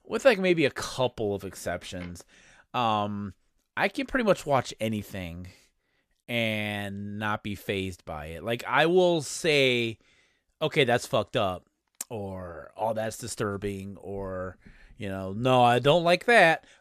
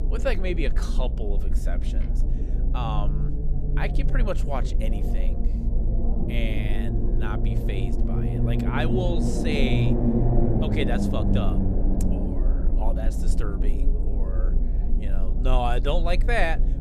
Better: first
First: none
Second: low rumble; loud; throughout; 4 dB below the speech

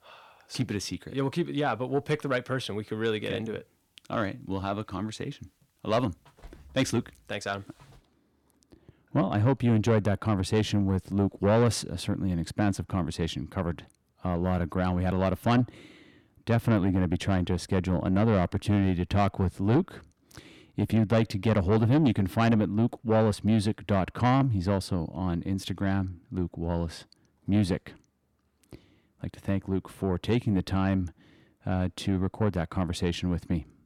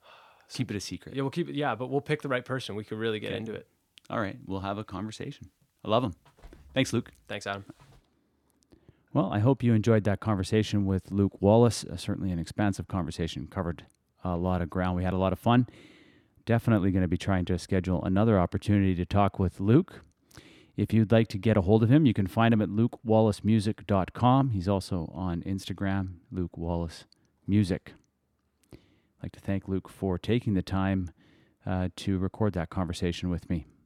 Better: second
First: distortion; slight; 10 dB below the speech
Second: none

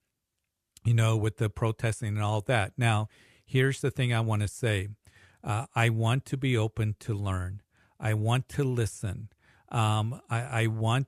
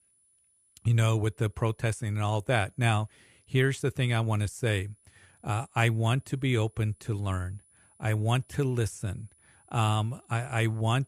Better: first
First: none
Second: high-pitched whine; faint; throughout; 10 kHz, 35 dB below the speech

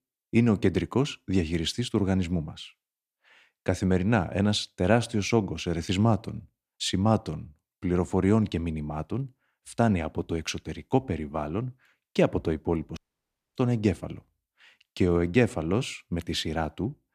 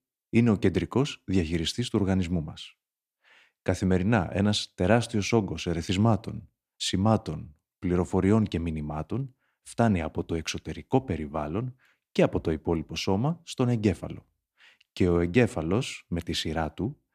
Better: second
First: audio cutting out; at 13 s for 0.5 s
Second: none

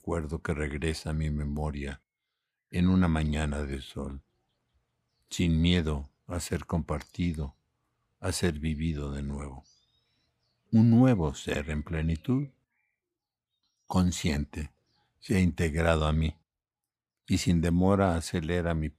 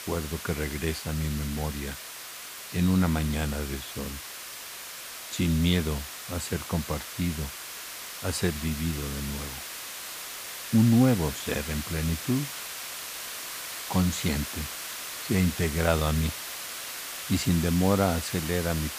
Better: first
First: none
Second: hiss; loud; throughout; 8 dB below the speech

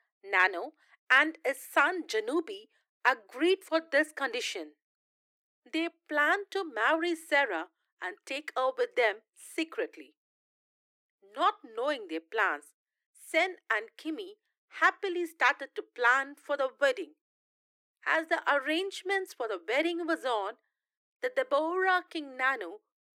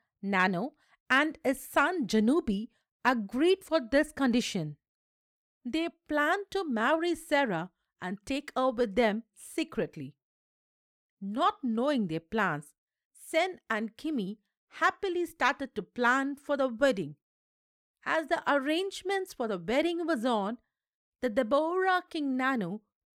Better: second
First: thin; very; fading below 300 Hz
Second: none

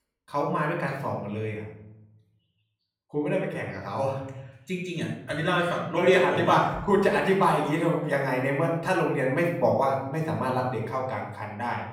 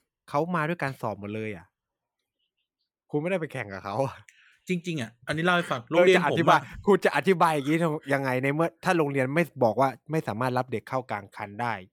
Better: second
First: off-mic speech; far // room echo; noticeable; dies away in 0.8 s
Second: none

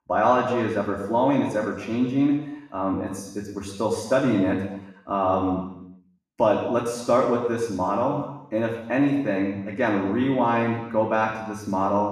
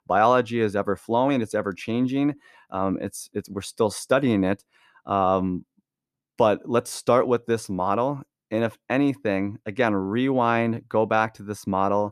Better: second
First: room echo; noticeable; dies away in 0.9 s // off-mic speech; far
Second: none

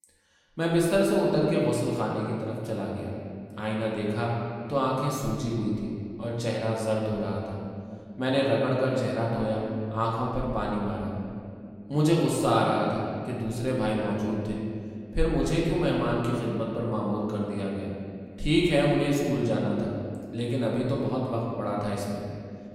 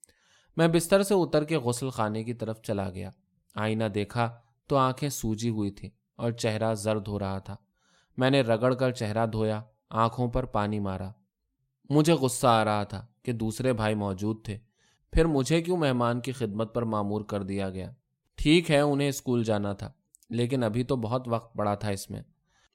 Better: second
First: room echo; noticeable; dies away in 2.3 s // off-mic speech; far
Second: none

